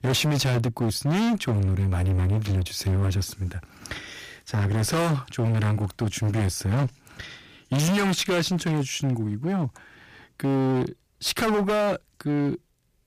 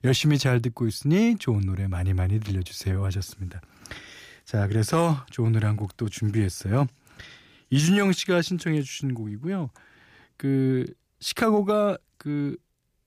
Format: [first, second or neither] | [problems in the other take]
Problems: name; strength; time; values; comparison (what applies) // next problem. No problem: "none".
second | distortion; heavy; 26% of the sound clipped